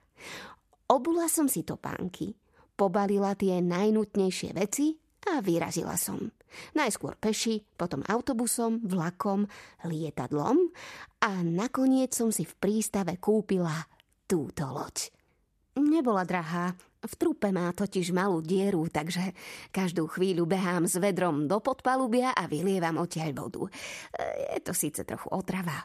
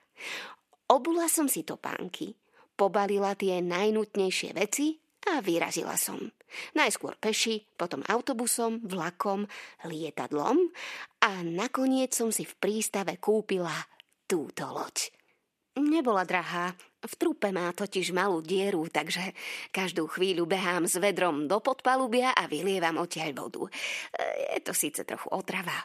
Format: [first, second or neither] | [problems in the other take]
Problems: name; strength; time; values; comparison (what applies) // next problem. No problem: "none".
first | thin; very slightly; fading below 300 Hz